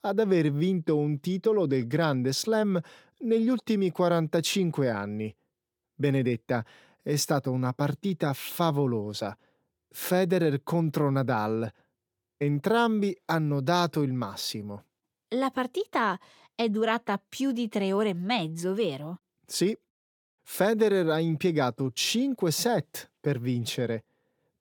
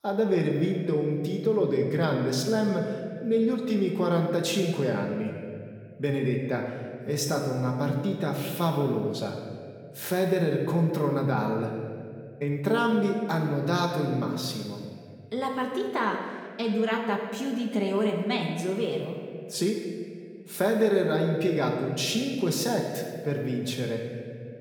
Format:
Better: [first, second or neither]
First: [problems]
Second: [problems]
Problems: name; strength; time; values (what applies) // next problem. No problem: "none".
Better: first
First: none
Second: room echo; noticeable; dies away in 1.7 s // off-mic speech; somewhat distant